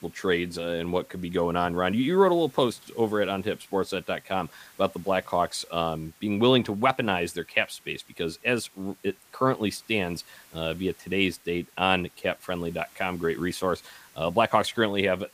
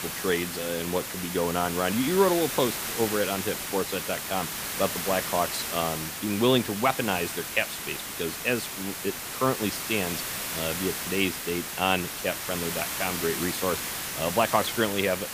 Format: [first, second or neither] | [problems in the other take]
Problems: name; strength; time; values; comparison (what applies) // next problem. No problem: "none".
first | hiss; loud; throughout; 3 dB below the speech; faint in the first